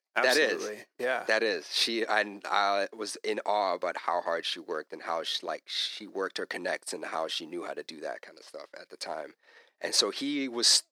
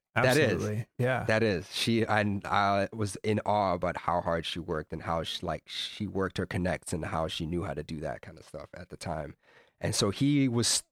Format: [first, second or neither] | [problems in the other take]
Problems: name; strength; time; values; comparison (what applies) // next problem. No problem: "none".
second | thin; somewhat; fading below 300 Hz